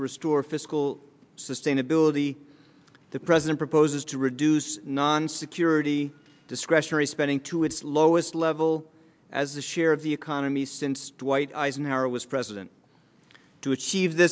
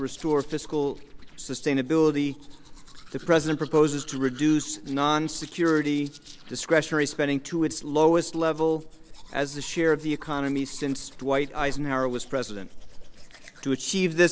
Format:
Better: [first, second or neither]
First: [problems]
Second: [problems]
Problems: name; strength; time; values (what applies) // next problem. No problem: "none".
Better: first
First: none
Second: background sound (Domestic sounds, home sounds); 14 dB below the speech